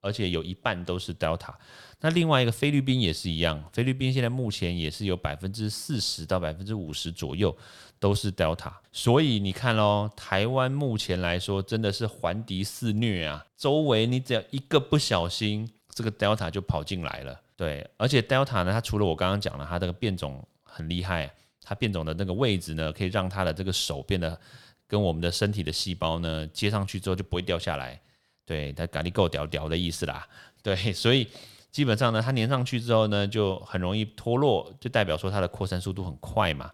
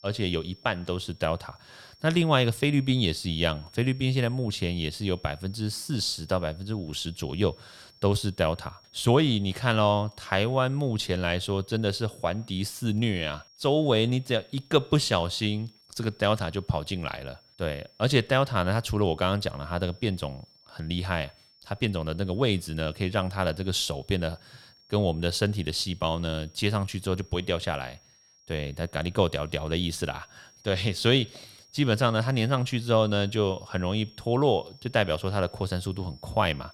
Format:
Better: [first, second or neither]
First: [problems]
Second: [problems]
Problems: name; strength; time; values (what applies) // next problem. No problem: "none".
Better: first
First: none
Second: high-pitched whine; faint; throughout; 5.5 kHz, 25 dB below the speech